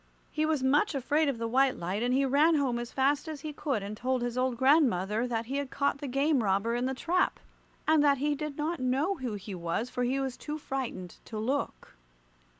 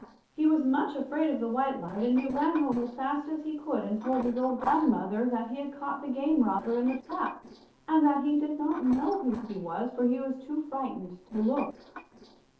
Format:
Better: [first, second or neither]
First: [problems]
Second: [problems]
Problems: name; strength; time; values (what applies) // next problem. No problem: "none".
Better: first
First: none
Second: noise reduction (neural separator model SepFormer DNS4)